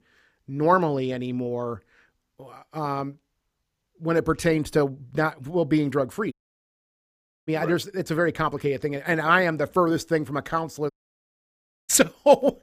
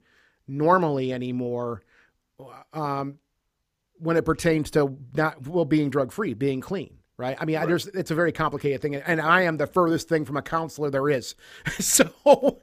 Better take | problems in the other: second | audio cutting out; at 6.5 s for 1 s and at 11 s for 1 s

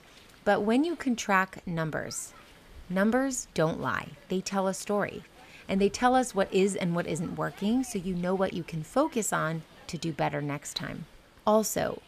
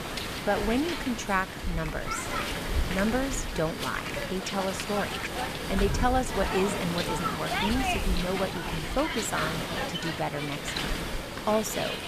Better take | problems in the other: first | hiss; loud; throughout; 1 dB below the speech; faint in the first

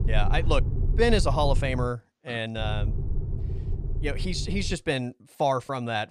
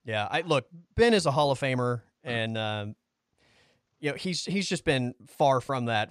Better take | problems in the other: second | low rumble; noticeable; until 2 s and from 2.5 to 5 s; 15 dB below the speech

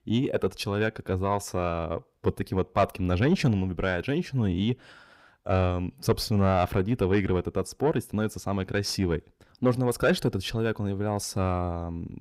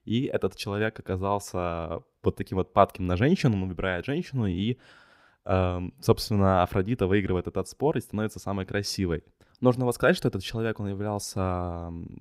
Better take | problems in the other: second | distortion; slight; 10 dB below the speech

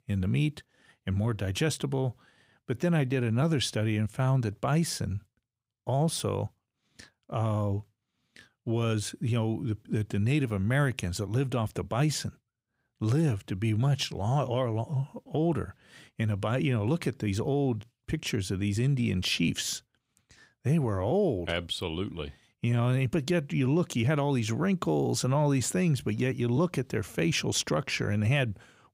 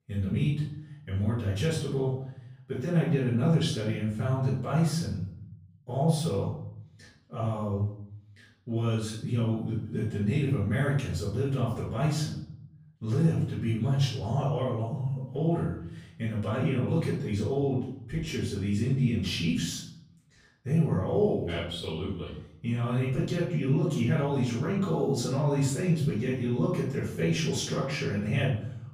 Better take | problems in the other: first | off-mic speech; far // room echo; noticeable; dies away in 0.6 s

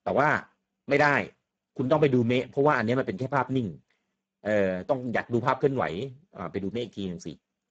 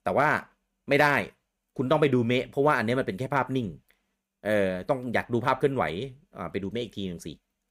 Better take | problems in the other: second | garbled, watery; badly

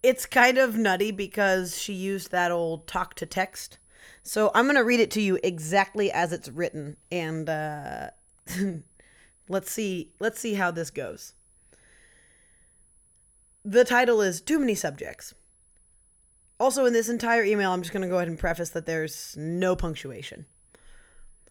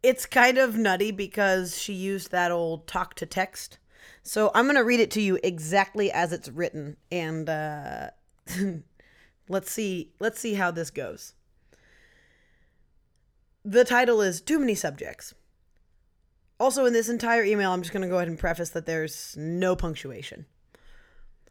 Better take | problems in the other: second | high-pitched whine; faint; throughout; 10 kHz, 35 dB below the speech

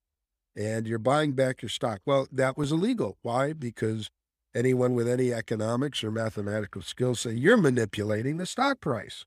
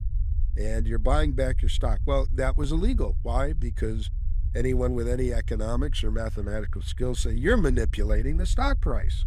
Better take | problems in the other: first | low rumble; noticeable; throughout; 20 dB below the speech

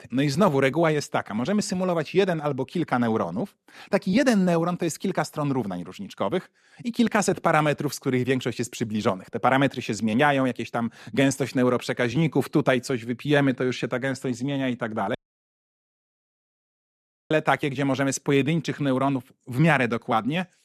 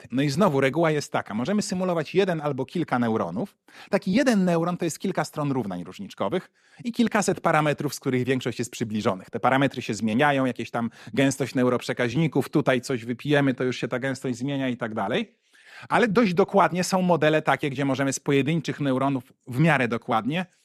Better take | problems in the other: second | audio cutting out; at 15 s for 2 s

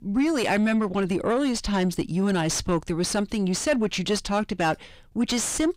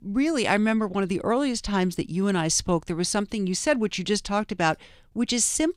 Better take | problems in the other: second | distortion; slight; 9 dB below the speech

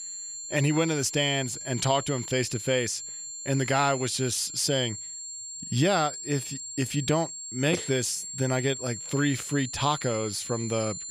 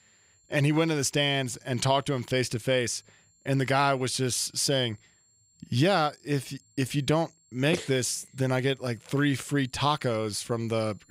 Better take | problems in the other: second | high-pitched whine; loud; throughout; 7.5 kHz, 8 dB below the speech; faint in the second

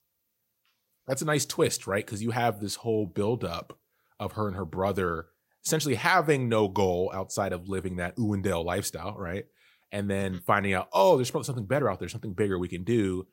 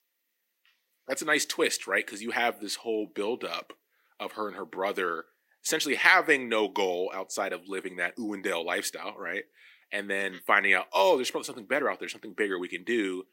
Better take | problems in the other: first | thin; somewhat; fading below 250 Hz

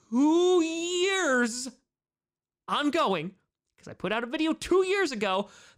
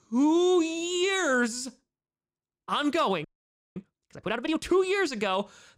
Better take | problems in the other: first | audio freezing; at 3 s for 0.5 s

